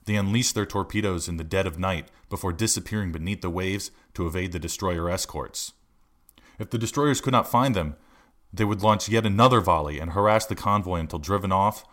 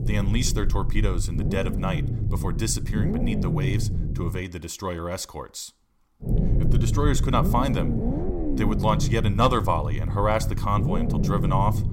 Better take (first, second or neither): first